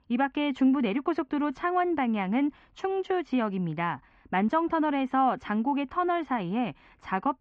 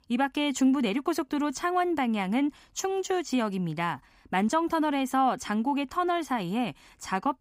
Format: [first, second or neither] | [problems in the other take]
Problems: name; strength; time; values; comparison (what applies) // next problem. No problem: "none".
second | muffled; very; fading above 2.5 kHz